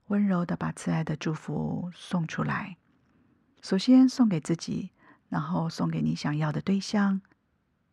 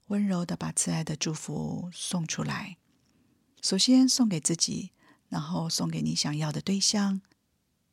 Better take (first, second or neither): second